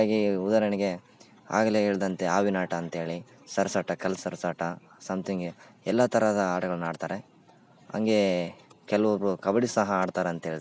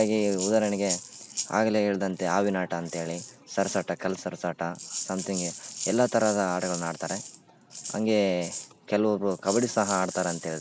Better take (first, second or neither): first